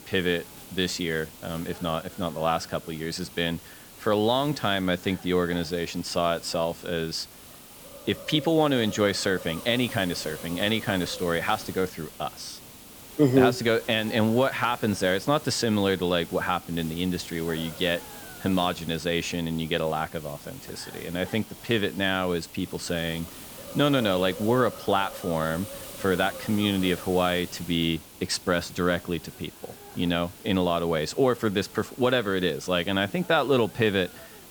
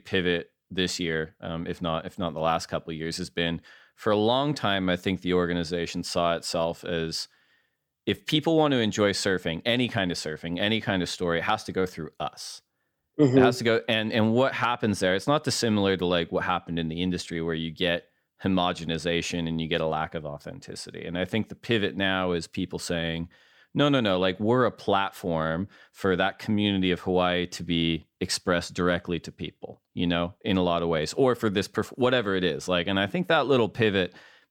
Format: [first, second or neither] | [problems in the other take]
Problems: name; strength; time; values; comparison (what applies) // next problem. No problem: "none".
second | hiss; noticeable; throughout; 15 dB below the speech